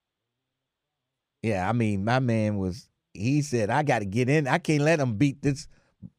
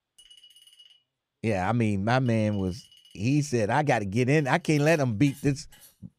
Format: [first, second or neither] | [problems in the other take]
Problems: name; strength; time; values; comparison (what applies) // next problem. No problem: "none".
first | household noises; faint; throughout; 25 dB below the speech